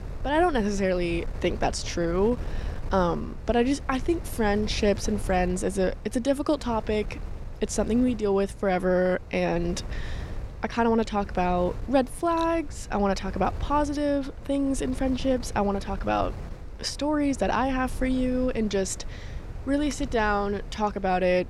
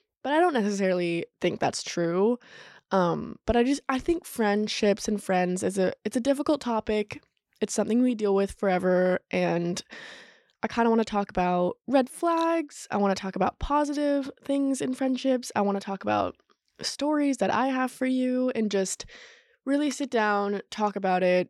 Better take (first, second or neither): second